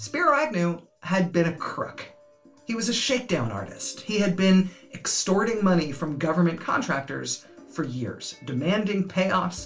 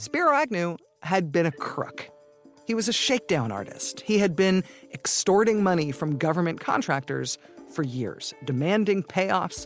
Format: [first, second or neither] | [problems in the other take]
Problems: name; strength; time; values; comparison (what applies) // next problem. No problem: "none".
second | room echo; dies away in 0.2 s